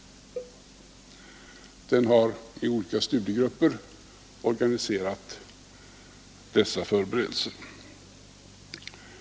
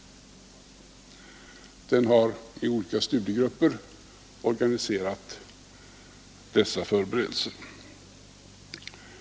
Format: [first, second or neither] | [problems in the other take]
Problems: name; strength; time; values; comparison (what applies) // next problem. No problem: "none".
second | background sound (Cowbell); 18 dB below the speech